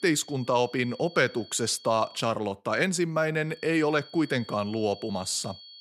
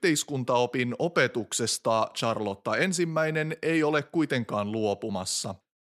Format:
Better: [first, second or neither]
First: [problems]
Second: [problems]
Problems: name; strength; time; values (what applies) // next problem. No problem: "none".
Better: second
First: high-pitched whine; noticeable; until 2.5 s and from 3.5 s on; 4.5 kHz, 20 dB below the speech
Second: none